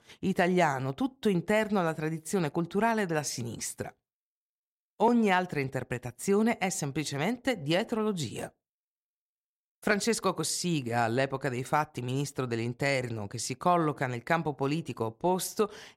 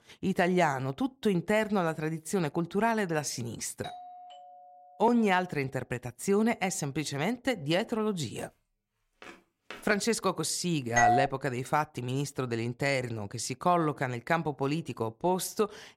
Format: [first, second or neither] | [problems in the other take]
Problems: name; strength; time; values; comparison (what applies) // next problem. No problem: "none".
first | doorbell; faint; from 4 to 5.5 s; peak 15 dB below the speech // footsteps; faint; at 9 s; peak 15 dB below the speech // doorbell; loud; at 11 s; peak 5 dB above the speech